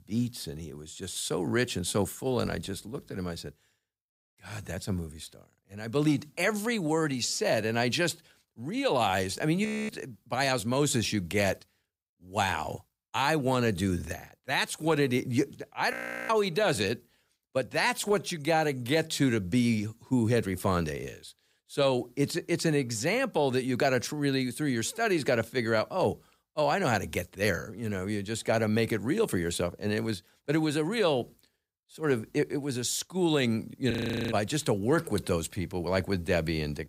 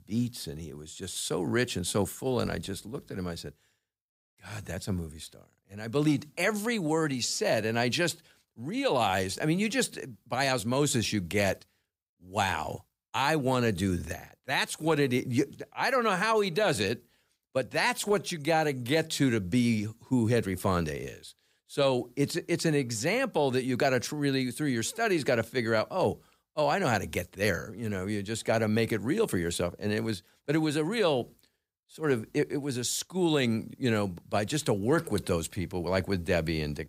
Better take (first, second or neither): second